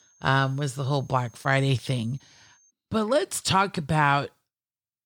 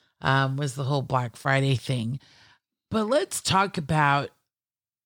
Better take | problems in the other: second | high-pitched whine; faint; until 2.5 s; 6.5 kHz, 30 dB below the speech

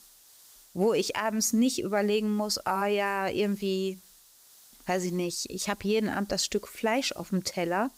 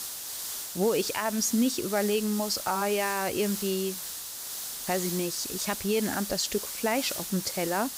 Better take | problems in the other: first | hiss; loud; throughout; 5 dB below the speech; faint in the first

